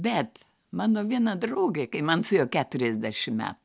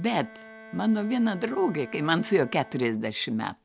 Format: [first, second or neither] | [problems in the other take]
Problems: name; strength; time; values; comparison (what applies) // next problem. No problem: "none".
first | background sound (Bowed string instrument); 20 dB below the speech